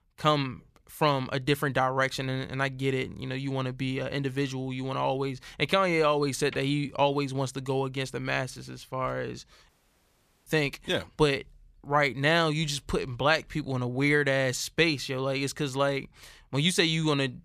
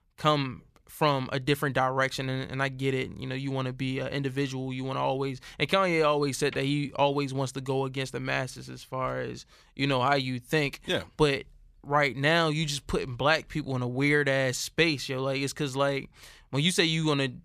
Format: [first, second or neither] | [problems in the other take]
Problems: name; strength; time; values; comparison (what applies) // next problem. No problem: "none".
second | audio cutting out; at 9.5 s for 1 s